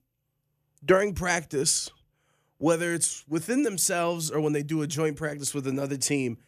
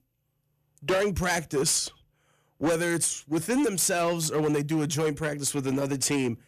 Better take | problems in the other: first | distortion; heavy; 11% of the sound clipped

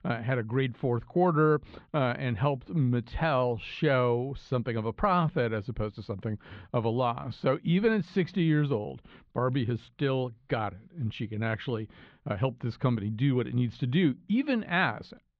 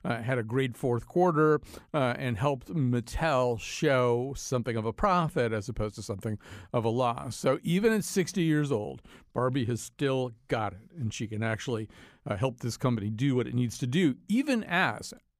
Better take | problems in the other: second | muffled; slightly; fading above 4 kHz

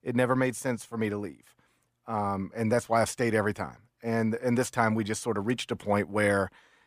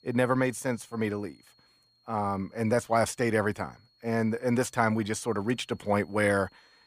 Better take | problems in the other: first | high-pitched whine; faint; throughout; 4.5 kHz, 35 dB below the speech

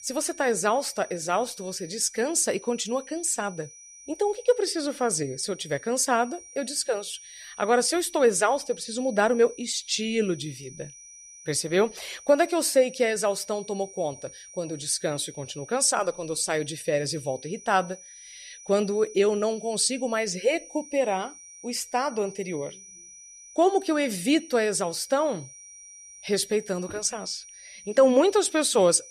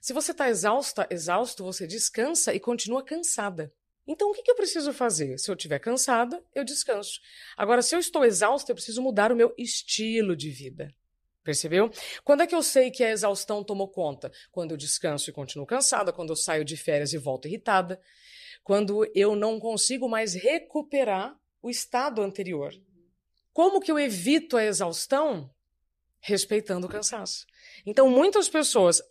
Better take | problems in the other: second | high-pitched whine; noticeable; throughout; 6 kHz, 20 dB below the speech

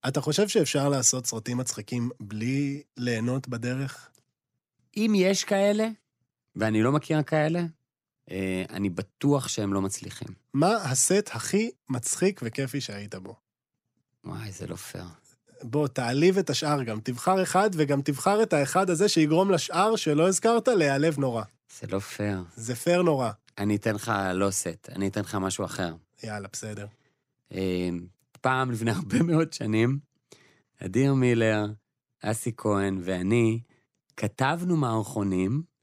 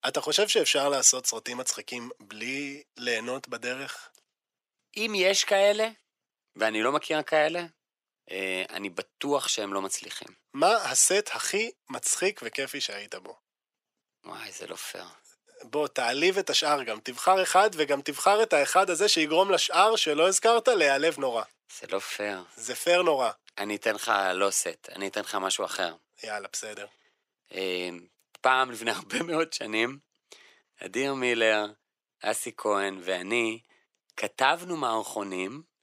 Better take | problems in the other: first | thin; very; fading below 550 Hz

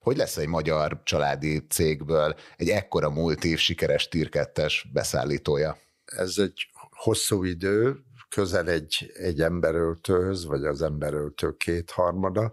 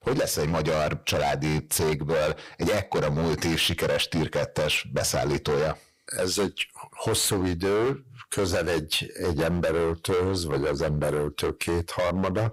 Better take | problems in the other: first | distortion; heavy; 22% of the sound clipped

